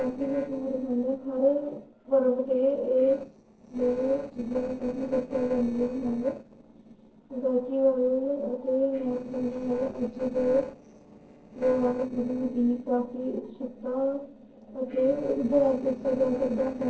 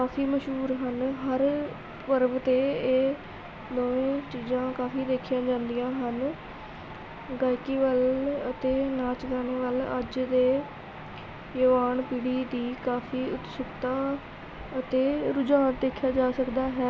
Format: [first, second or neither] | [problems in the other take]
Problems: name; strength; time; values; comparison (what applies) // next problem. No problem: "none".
second | noise reduction (neural separator model SepFormer DNS4)